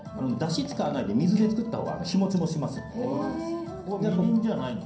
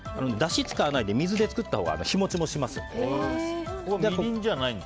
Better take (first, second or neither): second